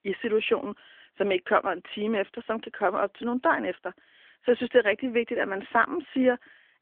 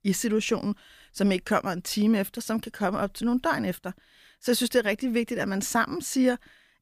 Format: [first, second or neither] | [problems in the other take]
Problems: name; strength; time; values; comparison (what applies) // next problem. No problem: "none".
second | phone-call audio